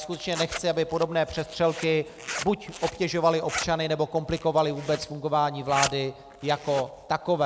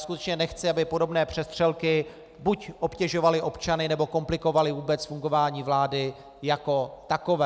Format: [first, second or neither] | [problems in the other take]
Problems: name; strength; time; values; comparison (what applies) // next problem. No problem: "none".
second | background sound (Zipper (clothing)); 12 dB below the speech